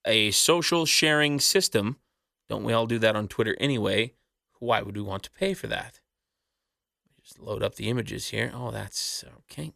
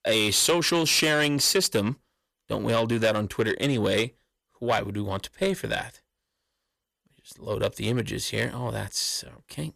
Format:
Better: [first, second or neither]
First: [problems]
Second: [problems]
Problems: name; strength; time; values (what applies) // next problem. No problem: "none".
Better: first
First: none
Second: distortion; slight; 10 dB below the speech